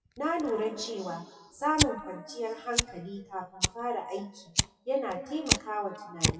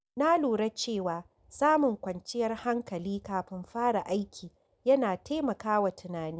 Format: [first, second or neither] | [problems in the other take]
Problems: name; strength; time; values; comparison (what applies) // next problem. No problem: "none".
second | noise reduction (classical method WPE with log-MMSE)